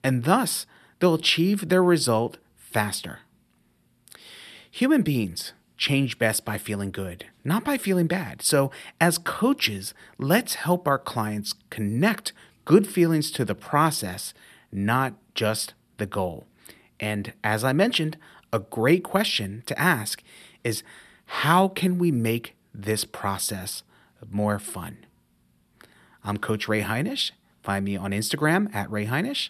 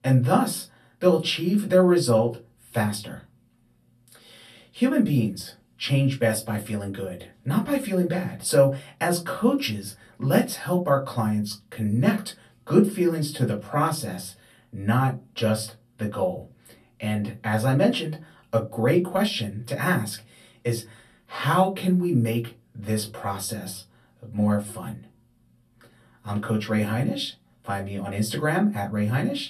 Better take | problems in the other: first | off-mic speech; far // room echo; very slight; dies away in 0.2 s

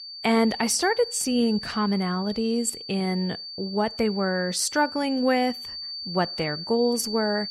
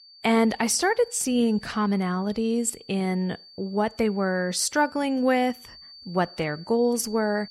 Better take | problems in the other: second | high-pitched whine; loud; throughout; 4.5 kHz, 9 dB below the speech; faint in the second

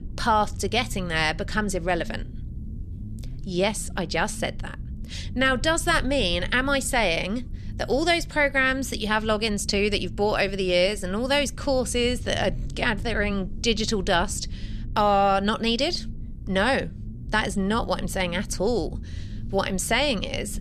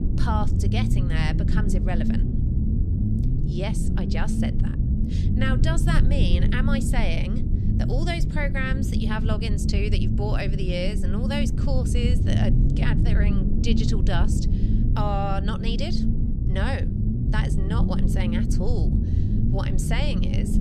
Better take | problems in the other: first | low rumble; loud; throughout; 3 dB below the speech; faint in the first

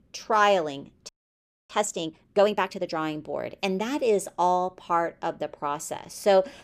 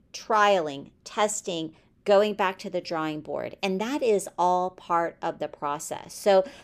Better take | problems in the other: second | audio freezing; at 1 s for 0.5 s

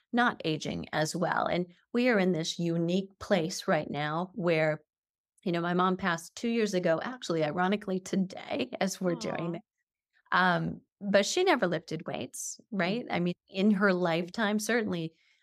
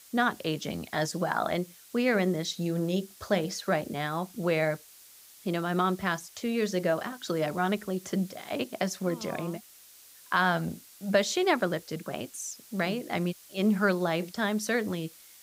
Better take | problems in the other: first | hiss; faint; throughout; 20 dB below the speech

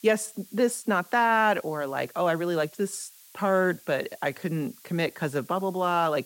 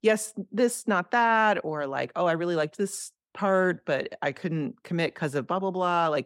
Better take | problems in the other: second | hiss; faint; throughout; 25 dB below the speech

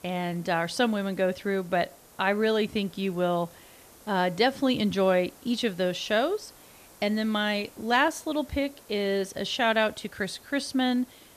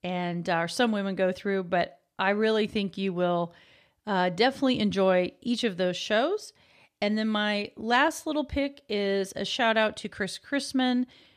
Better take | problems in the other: second | hiss; faint; throughout; 25 dB below the speech

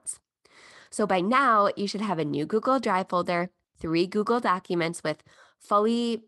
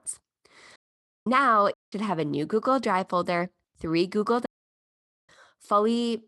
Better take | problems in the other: first | audio cutting out; at 1 s for 0.5 s, at 1.5 s and at 4.5 s for 1 s

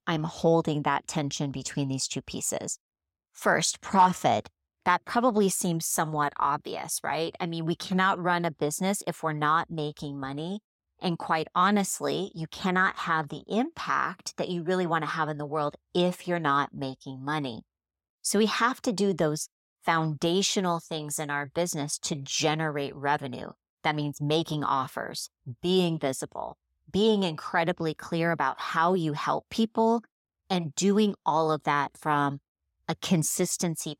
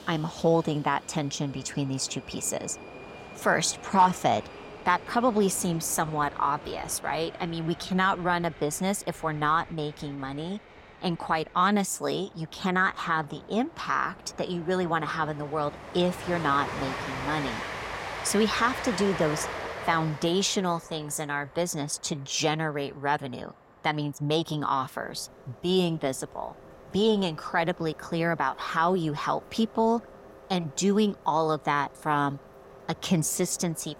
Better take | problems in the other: first | train or aircraft noise; noticeable; throughout; 15 dB below the speech

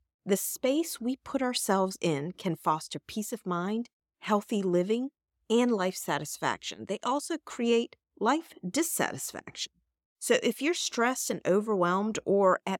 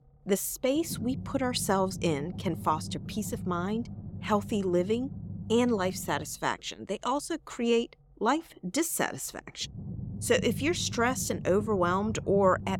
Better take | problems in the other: first | low rumble; noticeable; throughout; 20 dB below the speech

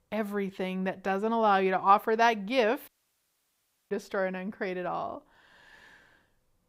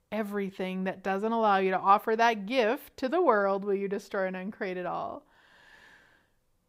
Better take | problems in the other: second | audio cutting out; at 3 s for 1 s

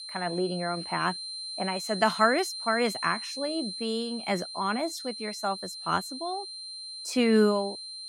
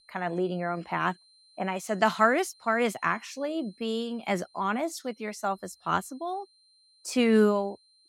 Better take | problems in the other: second | high-pitched whine; loud; throughout; 4 kHz, 7 dB below the speech; faint in the second

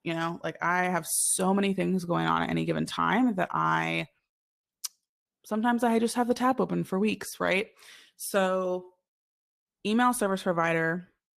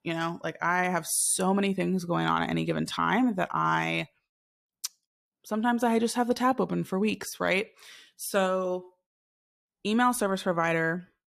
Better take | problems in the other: second | garbled, watery; slightly; nothing above 14.5 kHz

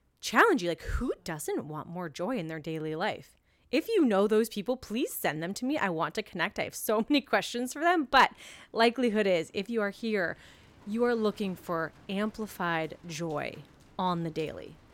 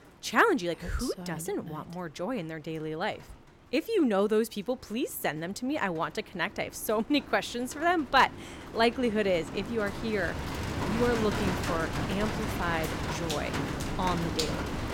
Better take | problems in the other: first | rain or running water; loud; throughout; 5 dB below the speech; faint in the first

